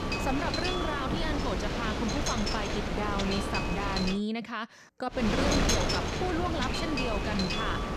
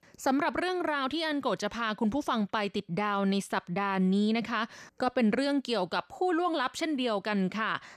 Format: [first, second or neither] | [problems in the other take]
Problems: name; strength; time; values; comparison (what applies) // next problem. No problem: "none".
second | wind noise on the microphone; heavy; until 4 s and from 5 s on; 3 dB above the speech